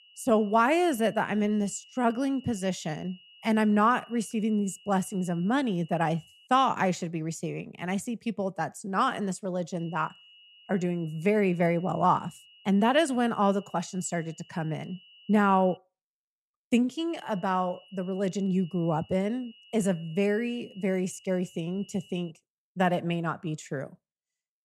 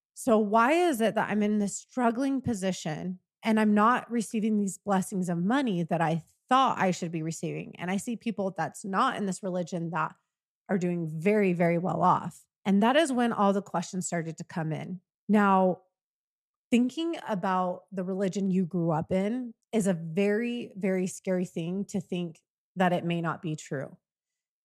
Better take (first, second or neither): second